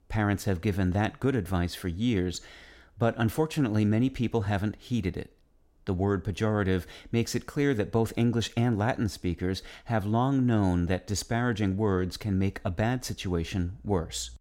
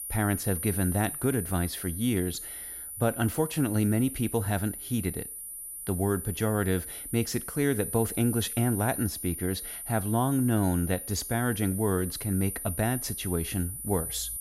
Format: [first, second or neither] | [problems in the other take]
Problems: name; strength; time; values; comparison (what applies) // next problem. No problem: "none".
first | high-pitched whine; loud; throughout; 10 kHz, 6 dB below the speech